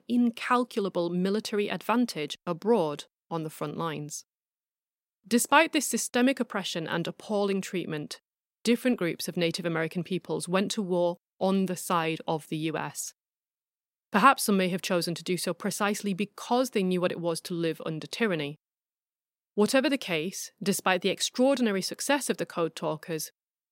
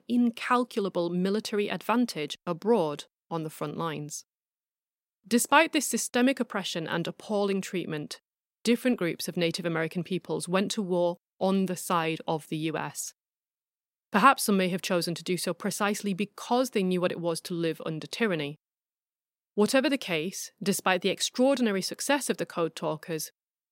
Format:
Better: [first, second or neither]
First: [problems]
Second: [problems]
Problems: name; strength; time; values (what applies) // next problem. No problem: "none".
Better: neither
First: none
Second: none